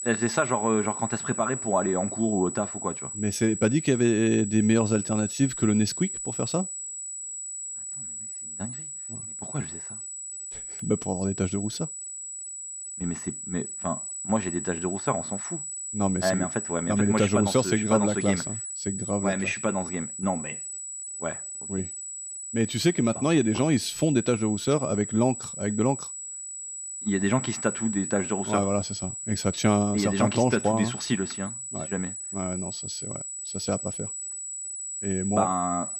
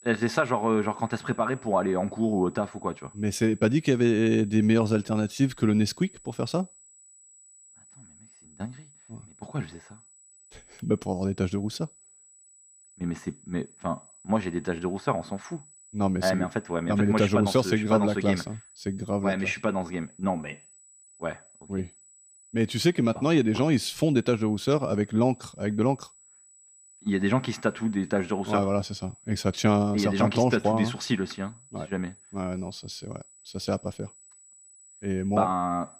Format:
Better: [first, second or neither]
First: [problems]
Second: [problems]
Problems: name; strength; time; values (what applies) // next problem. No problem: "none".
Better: second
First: high-pitched whine; loud; throughout; 8 kHz, 6 dB below the speech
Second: high-pitched whine; faint; throughout; 8 kHz, 25 dB below the speech